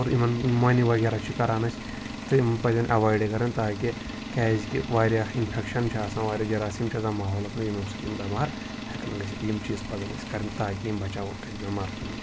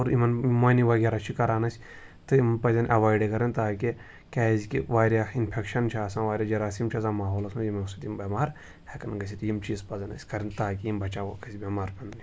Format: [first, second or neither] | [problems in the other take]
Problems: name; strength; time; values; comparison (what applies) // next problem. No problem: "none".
second | background sound (Engine); 9 dB below the speech